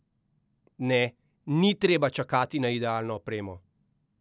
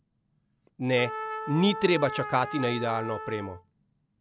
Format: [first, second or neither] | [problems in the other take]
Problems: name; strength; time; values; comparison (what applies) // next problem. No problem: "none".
first | background sound (Trumpet); 9 dB below the speech